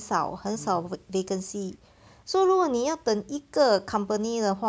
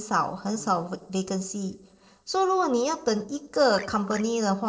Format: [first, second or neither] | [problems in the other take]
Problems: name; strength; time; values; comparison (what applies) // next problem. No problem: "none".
first | noise reduction (neural separator model SepFormer DNS4)